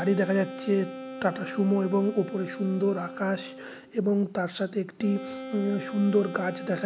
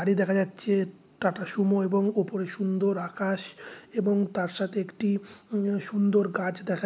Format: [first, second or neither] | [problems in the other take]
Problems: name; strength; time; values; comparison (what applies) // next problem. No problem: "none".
second | background sound (Wind instrument, woodwind instrument); 12 dB below the speech